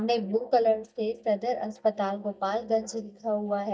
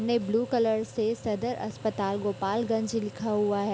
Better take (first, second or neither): second